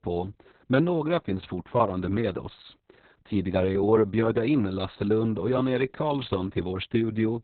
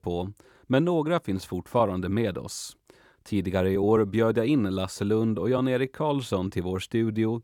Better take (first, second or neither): second